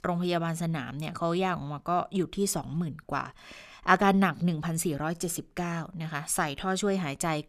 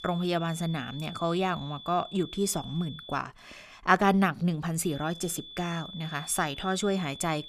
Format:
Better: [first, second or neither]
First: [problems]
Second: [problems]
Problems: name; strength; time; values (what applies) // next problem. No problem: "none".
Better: first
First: none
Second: high-pitched whine; noticeable; until 3 s and from 5 s on; 3.5 kHz, 15 dB below the speech